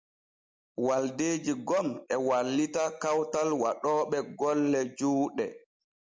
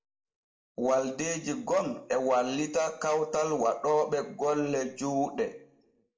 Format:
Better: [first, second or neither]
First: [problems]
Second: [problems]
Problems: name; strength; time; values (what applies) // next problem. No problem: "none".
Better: first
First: none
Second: room echo; dies away in 0.4 s